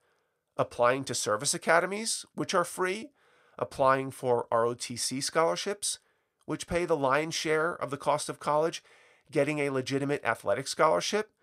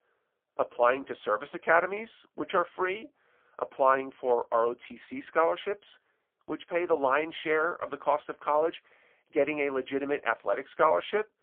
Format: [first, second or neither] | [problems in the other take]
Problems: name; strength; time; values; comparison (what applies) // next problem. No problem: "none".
first | phone-call audio; poor line; nothing above 3.5 kHz